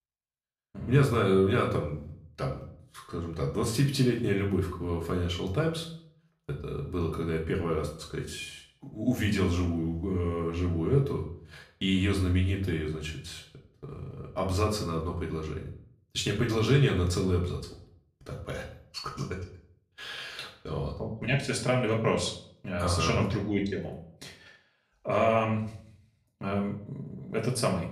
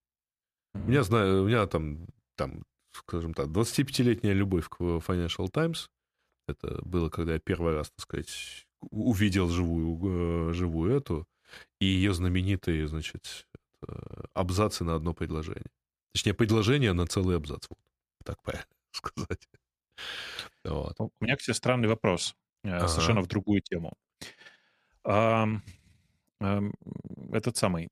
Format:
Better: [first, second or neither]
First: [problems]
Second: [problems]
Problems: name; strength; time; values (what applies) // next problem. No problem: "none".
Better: second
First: room echo; slight; dies away in 0.5 s // off-mic speech; far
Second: none